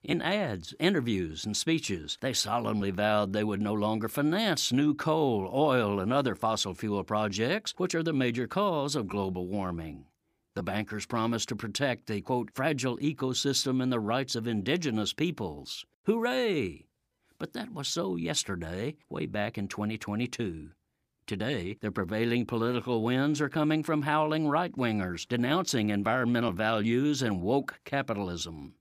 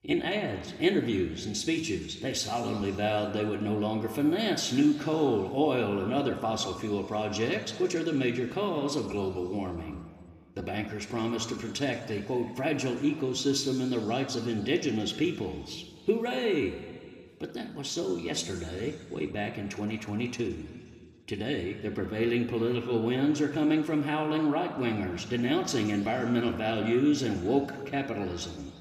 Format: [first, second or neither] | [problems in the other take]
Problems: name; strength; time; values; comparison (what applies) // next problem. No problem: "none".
first | room echo; slight; dies away in 2 s // off-mic speech; somewhat distant